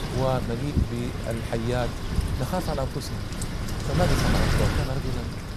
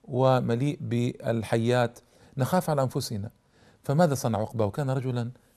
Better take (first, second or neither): second